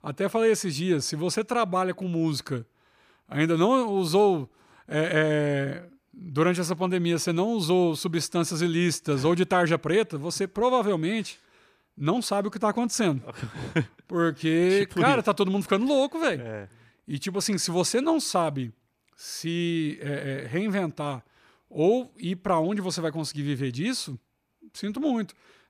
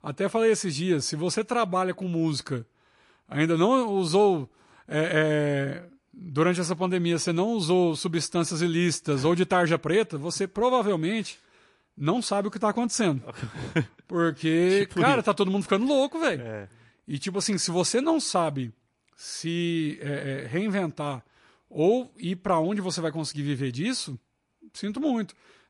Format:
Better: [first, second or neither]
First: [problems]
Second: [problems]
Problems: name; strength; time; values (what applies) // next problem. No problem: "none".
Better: first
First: none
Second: garbled, watery; slightly; nothing above 9 kHz